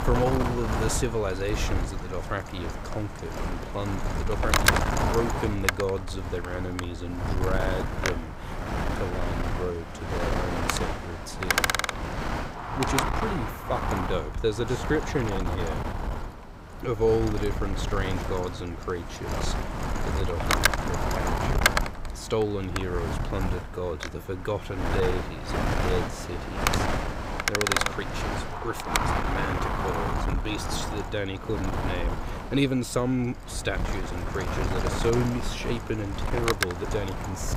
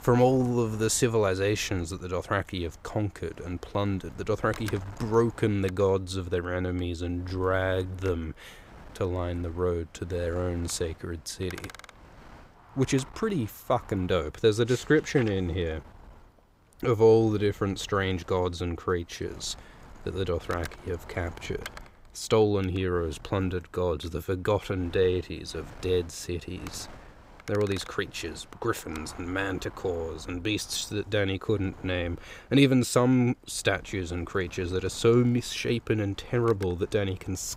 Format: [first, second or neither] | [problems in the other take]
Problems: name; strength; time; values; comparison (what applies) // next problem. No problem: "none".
second | wind noise on the microphone; heavy; 3 dB above the speech; occasional gusts in the second